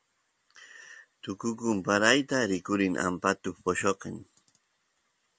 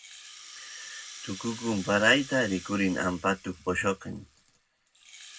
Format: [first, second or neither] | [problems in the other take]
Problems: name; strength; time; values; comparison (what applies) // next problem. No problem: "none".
first | background sound (Rattle (instrument)); 16 dB below the speech // room echo; dies away in 0.3 s